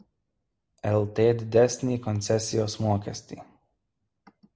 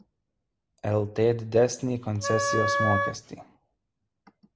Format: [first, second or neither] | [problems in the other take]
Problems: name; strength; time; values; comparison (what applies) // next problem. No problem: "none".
first | background sound (Wind instrument, woodwind instrument); as loud as the speech